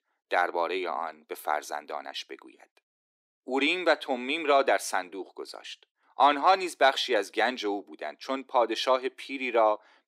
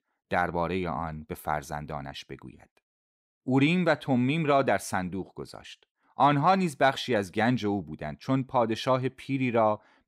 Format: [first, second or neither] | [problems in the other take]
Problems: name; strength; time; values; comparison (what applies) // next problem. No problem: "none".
second | thin; somewhat; fading below 300 Hz